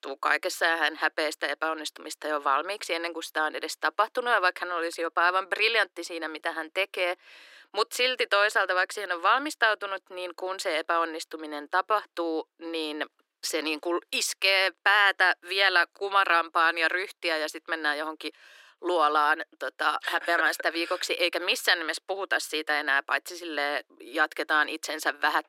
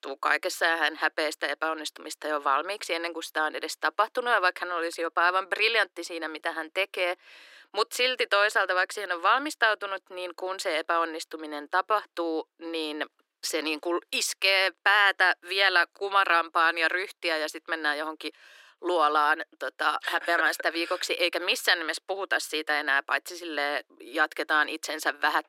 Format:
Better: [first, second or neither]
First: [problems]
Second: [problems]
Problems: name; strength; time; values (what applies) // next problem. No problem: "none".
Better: neither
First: thin; very; fading below 300 Hz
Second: thin; very; fading below 300 Hz